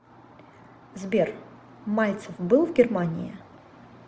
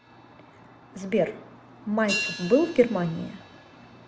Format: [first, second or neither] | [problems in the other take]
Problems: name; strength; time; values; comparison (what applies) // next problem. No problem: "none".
first | background sound (Hi-hat); 11 dB below the speech